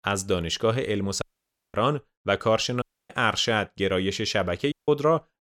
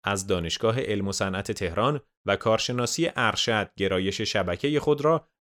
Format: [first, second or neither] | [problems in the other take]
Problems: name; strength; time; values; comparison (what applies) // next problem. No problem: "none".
second | audio cutting out; at 1 s for 0.5 s, at 3 s and at 4.5 s